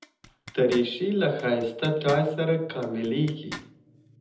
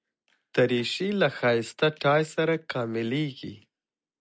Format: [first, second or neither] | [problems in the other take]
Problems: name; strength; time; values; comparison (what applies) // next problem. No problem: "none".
second | background sound (Zipper (clothing)); 19 dB below the speech // room echo; dies away in 0.9 s